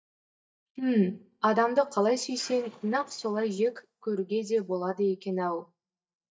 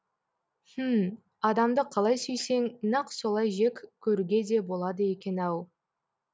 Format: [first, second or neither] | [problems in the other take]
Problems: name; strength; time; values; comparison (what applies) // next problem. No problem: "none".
second | noise reduction (neural mask model DeepFilterNet 3)